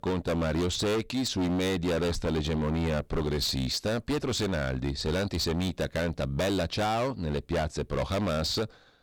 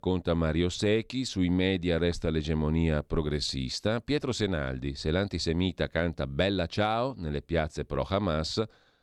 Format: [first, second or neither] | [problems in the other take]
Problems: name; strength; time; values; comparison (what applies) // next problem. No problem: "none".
second | distortion; heavy; 25% of the sound clipped